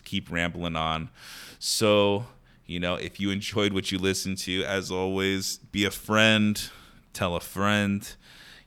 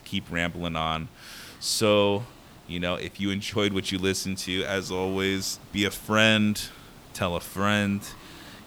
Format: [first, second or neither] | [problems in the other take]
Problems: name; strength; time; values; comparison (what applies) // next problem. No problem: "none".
first | hiss; faint; throughout; 25 dB below the speech